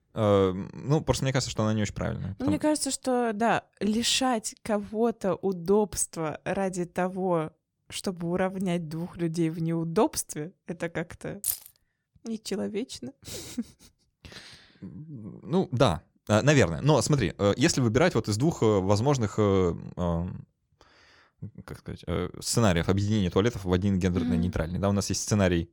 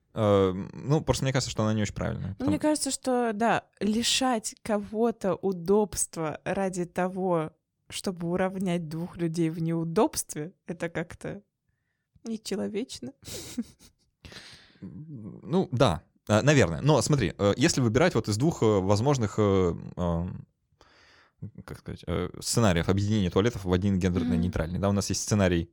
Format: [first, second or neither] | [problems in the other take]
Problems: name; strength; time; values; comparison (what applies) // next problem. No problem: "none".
second | jangling keys; noticeable; at 11 s; peak 3 dB below the speech